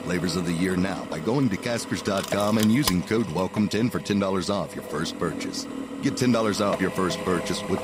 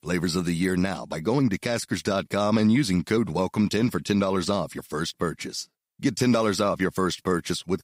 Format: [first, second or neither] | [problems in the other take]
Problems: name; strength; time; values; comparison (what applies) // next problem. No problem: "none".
second | machinery noise; loud; throughout; 8 dB below the speech